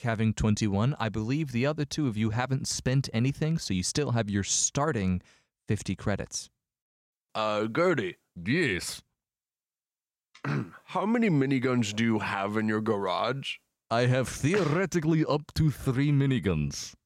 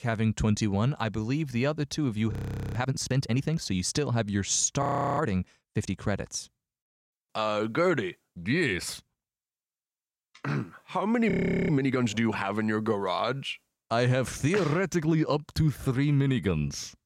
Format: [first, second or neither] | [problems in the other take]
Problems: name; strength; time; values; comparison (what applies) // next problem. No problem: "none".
first | audio freezing; at 2.5 s, at 5 s and at 11 s